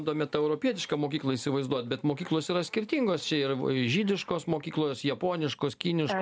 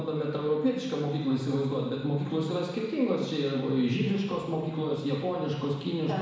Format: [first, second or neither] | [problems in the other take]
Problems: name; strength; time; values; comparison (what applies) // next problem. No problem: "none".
first | room echo; dies away in 1.1 s